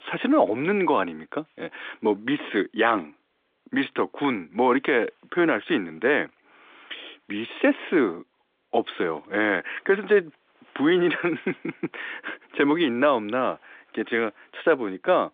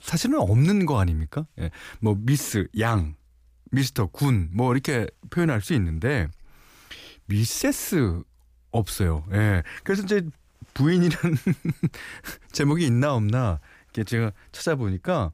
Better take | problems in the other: second | phone-call audio

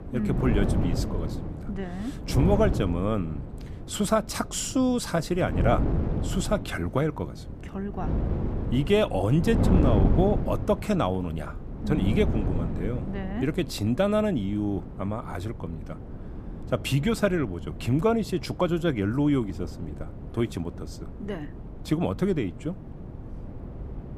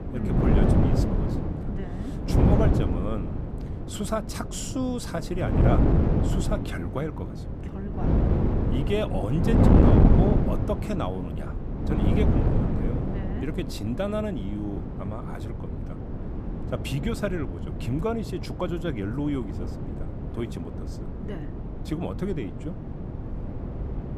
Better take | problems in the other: first | wind noise on the microphone; heavy; as loud as the speech; occasional gusts in the first

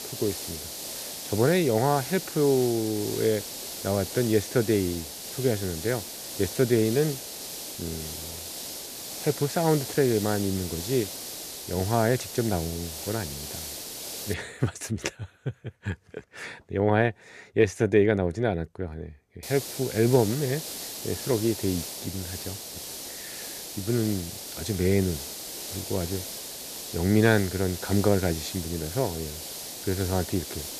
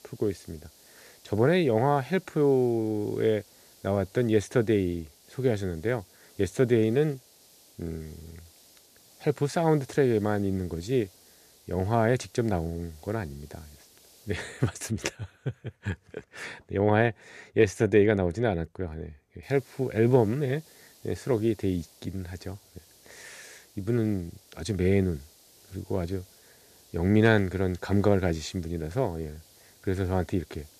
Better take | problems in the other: second | hiss; loud; until 14 s and from 19 s on; 8 dB below the speech; faint in the second

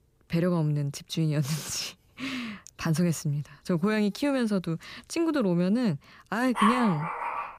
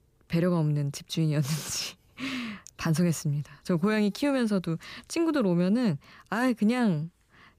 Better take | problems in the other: second | dog barking; loud; at 6.5 s; peak 2 dB above the speech

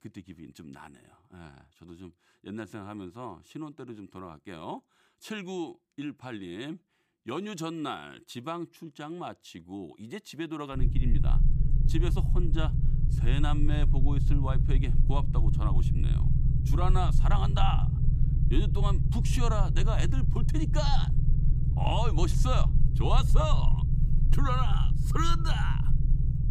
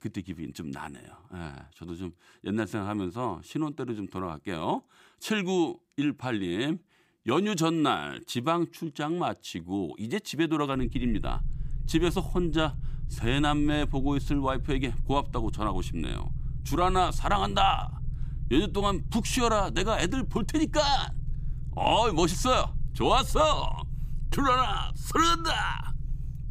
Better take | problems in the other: second | low rumble; loud; from 11 s on; 6 dB below the speech; faint in the second

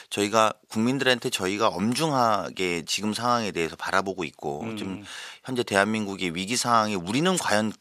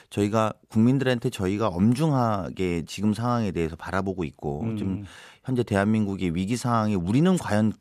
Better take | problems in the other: second | thin; somewhat; fading below 800 Hz

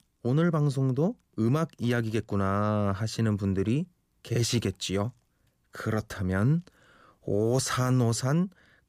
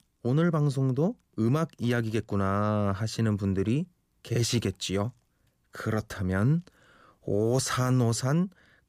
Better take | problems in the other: neither | none

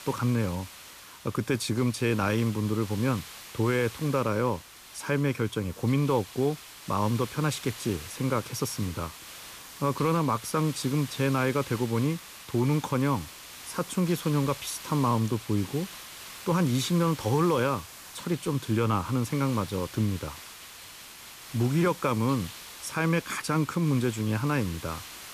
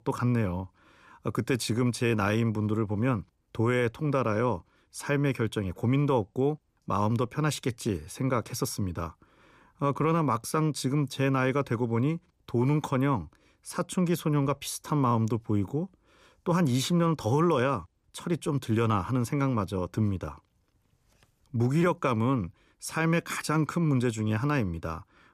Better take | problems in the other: second | hiss; noticeable; throughout; 15 dB below the speech

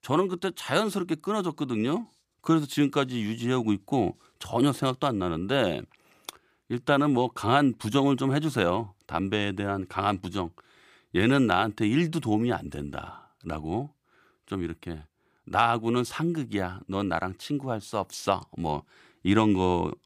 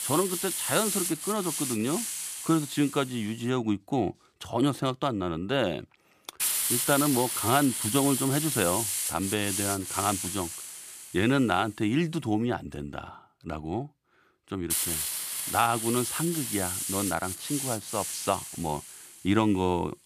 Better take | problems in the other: first | hiss; loud; until 3.5 s, from 6.5 to 12 s and from 15 s on; 1 dB below the speech

